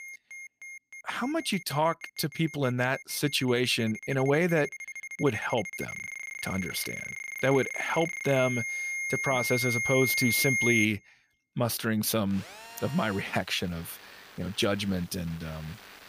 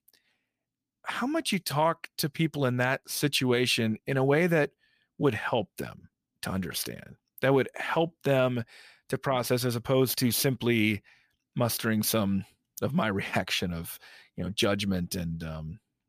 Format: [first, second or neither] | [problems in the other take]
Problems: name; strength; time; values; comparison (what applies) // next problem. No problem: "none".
second | alarms or sirens; loud; throughout; 3 dB below the speech